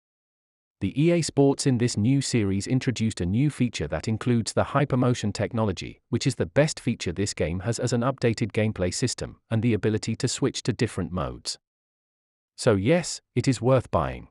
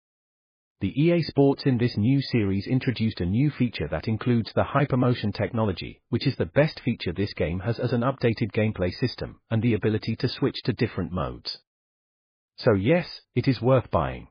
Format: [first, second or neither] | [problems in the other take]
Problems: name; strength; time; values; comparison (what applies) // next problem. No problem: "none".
first | garbled, watery; badly; nothing above 5 kHz